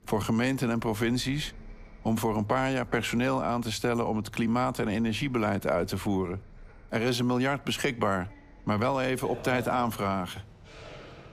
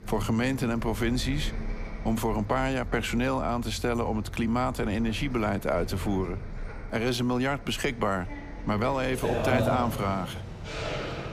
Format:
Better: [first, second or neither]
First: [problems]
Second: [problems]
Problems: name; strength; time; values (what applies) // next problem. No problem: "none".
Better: first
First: traffic noise; faint; throughout; 20 dB below the speech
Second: traffic noise; loud; throughout; 8 dB below the speech